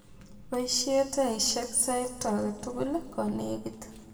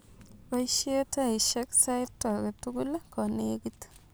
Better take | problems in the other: second | room echo; dies away in 1.6 s

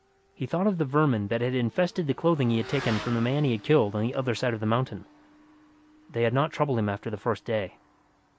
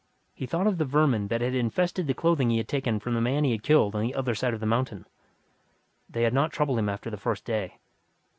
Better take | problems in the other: second | background sound (Motorcycle / Accelerating, revving, vroom); 19 dB below the speech

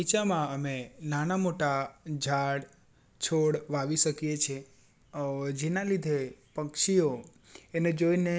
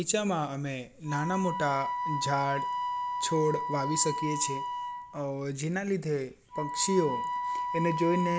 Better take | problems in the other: first | background sound (Wind instrument, woodwind instrument); 3 dB below the speech

